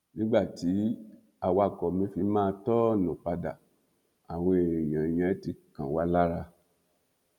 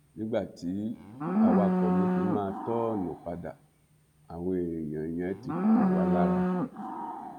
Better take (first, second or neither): first